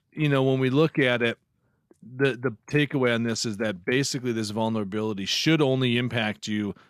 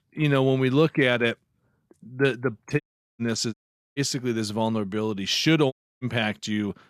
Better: first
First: none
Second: audio cutting out; at 3 s, at 3.5 s and at 5.5 s

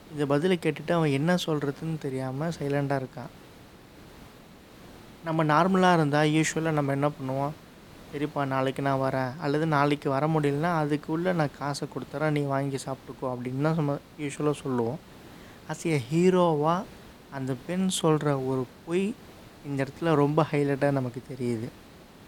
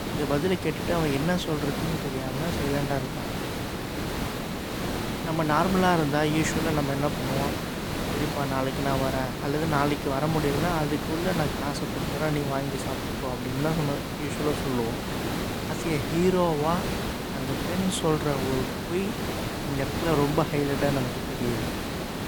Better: first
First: hiss; faint; throughout; 20 dB below the speech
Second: hiss; loud; throughout; 2 dB below the speech

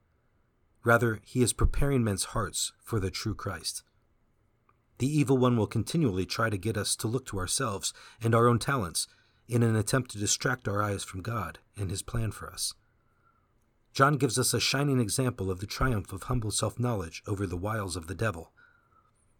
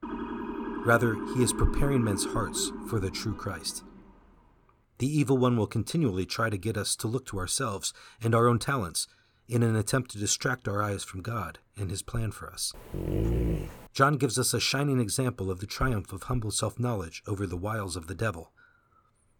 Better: first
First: none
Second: siren; noticeable; until 4 s; peak 5 dB below the speech // dog barking; loud; at 13 s; peak 1 dB above the speech

